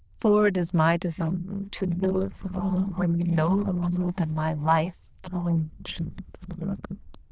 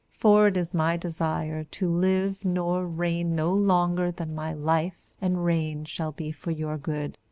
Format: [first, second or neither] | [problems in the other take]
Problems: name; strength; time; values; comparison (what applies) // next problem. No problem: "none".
second | noise reduction (neural diffusion model UNIVERSE++)